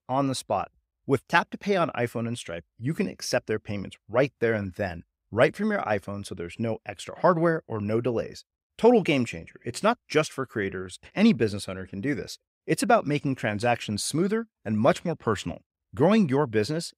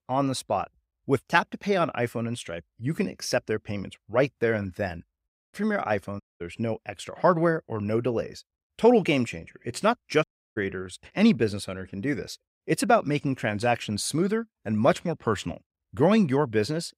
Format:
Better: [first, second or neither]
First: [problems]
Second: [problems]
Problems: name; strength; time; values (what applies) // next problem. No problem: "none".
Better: first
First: none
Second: audio cutting out; at 5.5 s, at 6 s and at 10 s